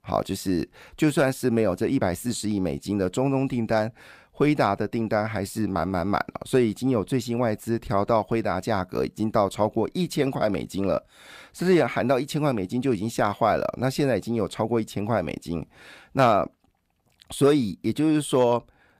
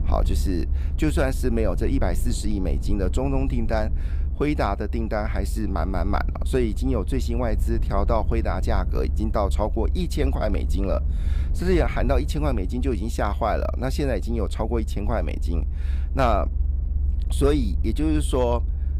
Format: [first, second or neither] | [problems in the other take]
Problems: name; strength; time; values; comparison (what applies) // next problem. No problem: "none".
first | low rumble; noticeable; throughout; 20 dB below the speech